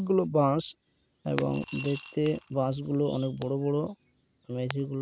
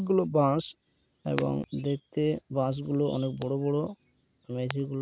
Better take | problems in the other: second | background sound (Coin (dropping) / Glass); 17 dB below the speech

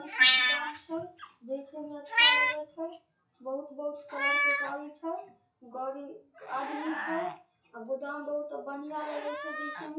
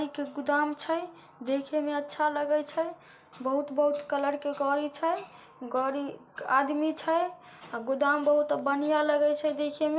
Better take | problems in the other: second | noise reduction (classical method WPE with log-MMSE)

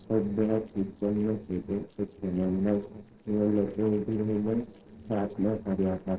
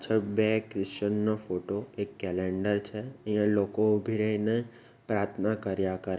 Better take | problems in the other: second | noise reduction (neural separator model SepFormer DNS4)

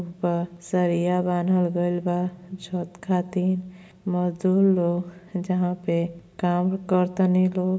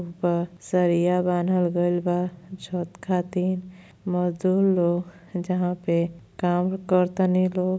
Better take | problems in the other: second | room echo; dies away in 1.2 s

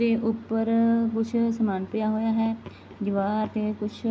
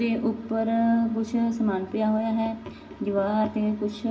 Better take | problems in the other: first | room echo; dies away in 0.6 s

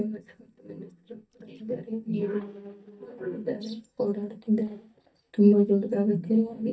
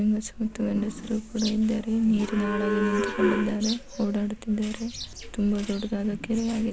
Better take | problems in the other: second | noise reduction (neural mask model DeepFilterNet 3)

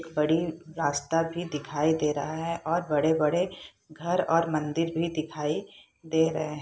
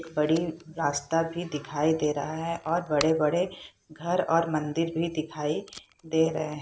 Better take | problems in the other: first | background sound (Packing tape, duct tape); 20 dB below the speech

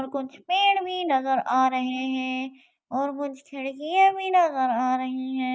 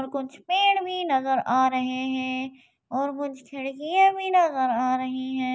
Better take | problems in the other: second | noise reduction (neural mask model Resemble Enhance denoiser)

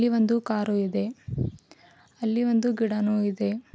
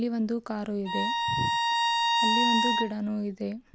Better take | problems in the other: first | background sound (Bowed string instrument); 3 dB above the speech

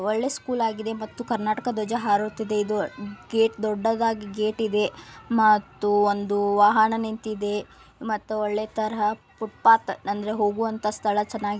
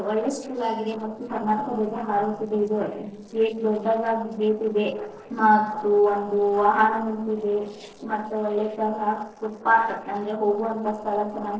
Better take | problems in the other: first | noise reduction (neural separator model SepFormer DNS4)

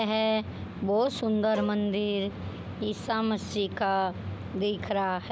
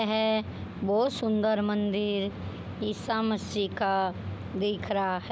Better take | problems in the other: second | background sound (Bowed string instrument); 14 dB below the speech

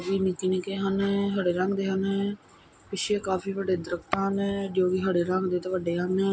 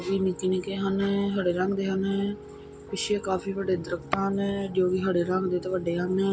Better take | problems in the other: first | background sound (Piano); 16 dB below the speech

